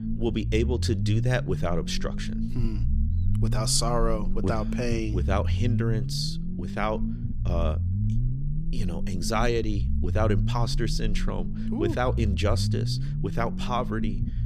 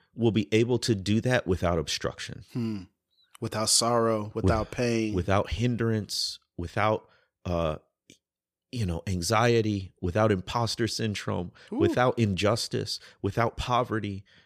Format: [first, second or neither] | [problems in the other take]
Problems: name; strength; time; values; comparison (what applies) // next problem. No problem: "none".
second | low rumble; noticeable; throughout; 10 dB below the speech